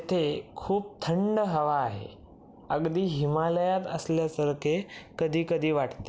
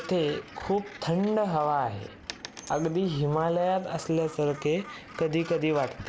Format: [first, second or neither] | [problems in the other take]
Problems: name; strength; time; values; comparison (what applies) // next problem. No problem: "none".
first | background sound (Gull, seagull + Coin (dropping)); 18 dB below the speech